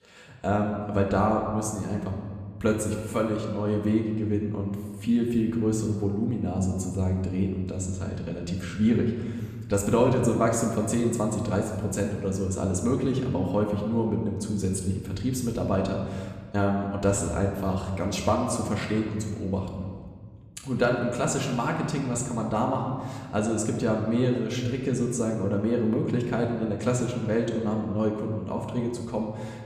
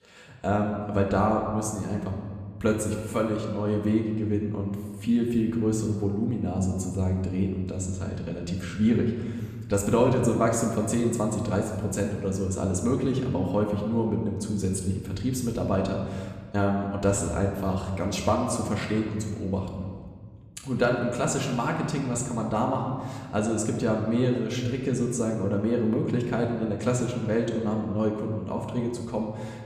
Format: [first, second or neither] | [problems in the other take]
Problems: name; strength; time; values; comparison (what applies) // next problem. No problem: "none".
neither | room echo; noticeable; dies away in 1.5 s; the same in both // off-mic speech; somewhat distant; the same in both